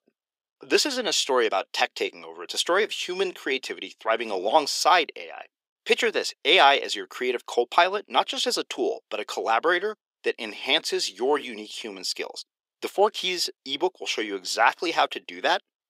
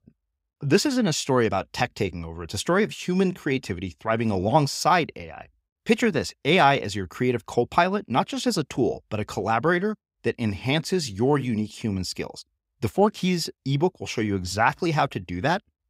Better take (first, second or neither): second